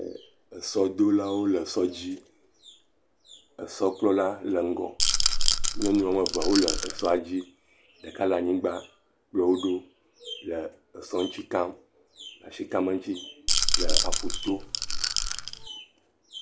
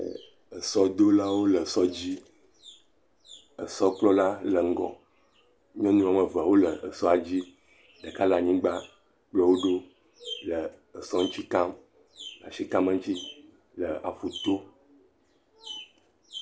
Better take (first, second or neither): second